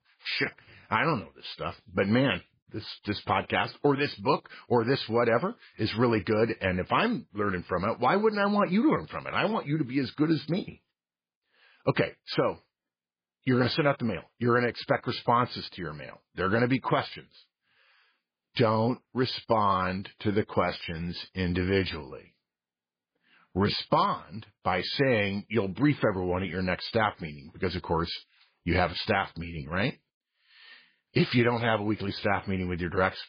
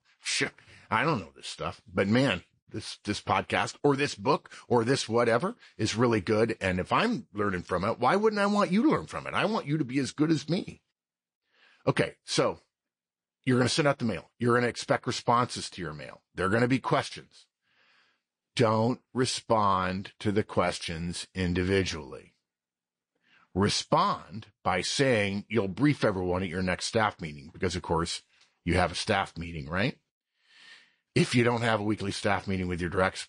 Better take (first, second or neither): second